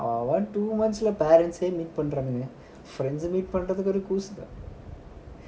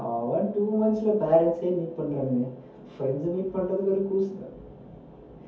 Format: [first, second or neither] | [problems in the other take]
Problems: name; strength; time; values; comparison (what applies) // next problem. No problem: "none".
first | room echo; dies away in 0.5 s